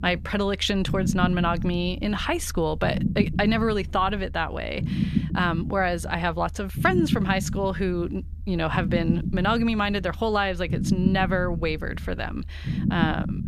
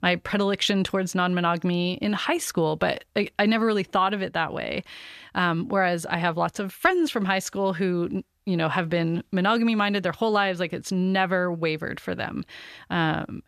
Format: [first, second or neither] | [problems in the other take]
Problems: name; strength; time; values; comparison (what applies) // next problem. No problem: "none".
second | low rumble; noticeable; throughout; 10 dB below the speech